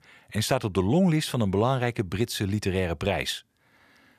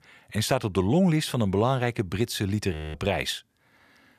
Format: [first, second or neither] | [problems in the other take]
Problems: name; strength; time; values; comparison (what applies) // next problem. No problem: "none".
first | audio freezing; at 2.5 s